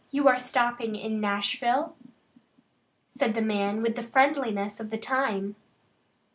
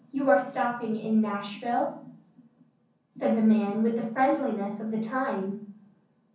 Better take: first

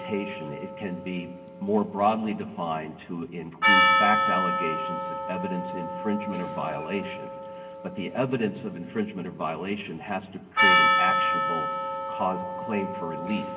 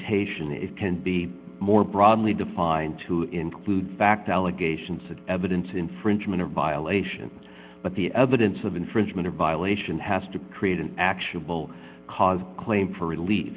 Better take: second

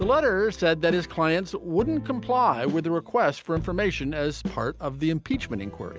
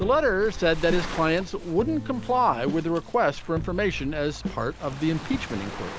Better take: first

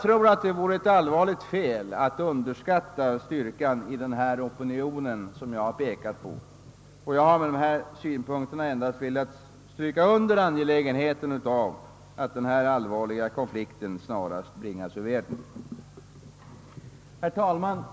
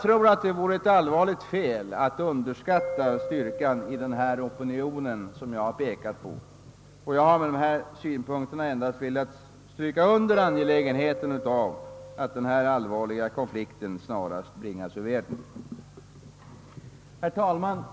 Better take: first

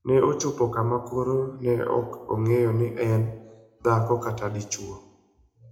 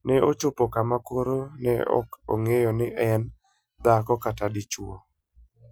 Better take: second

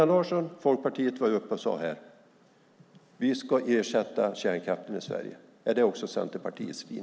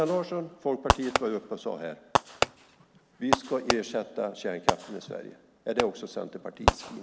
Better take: first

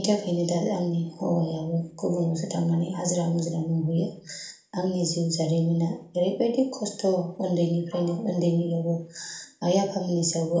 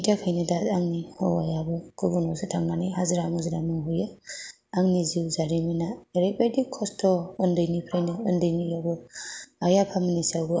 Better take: second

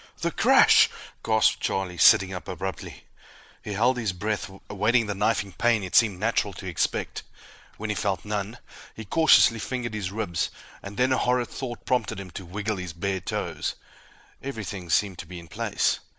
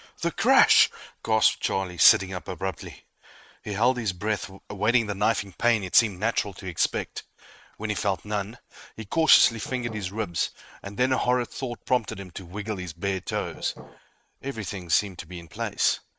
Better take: first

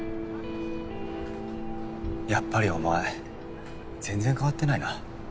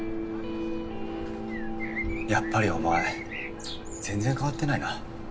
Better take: first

